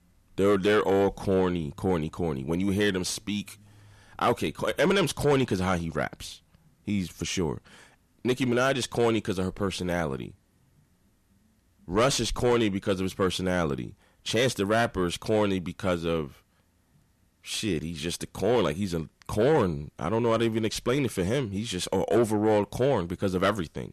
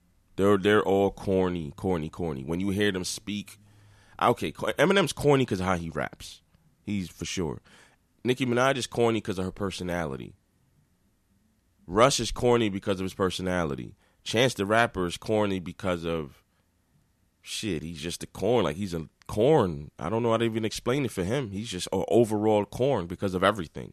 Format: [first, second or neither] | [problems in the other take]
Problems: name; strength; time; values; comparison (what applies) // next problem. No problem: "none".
second | distortion; slight; 10 dB below the speech